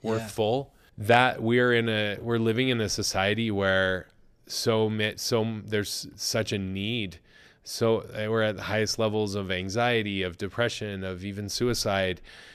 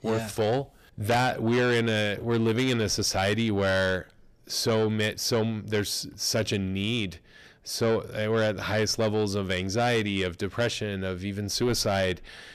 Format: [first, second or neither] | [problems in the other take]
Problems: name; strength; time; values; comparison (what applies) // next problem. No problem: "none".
first | distortion; slight; 10 dB below the speech